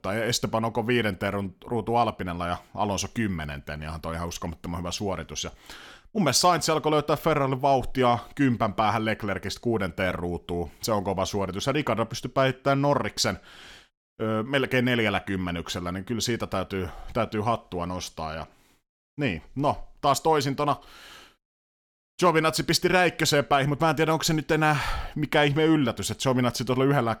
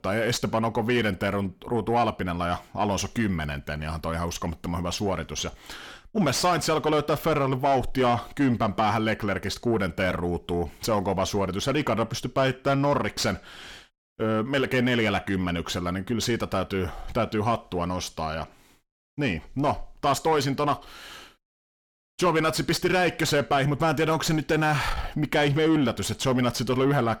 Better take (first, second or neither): first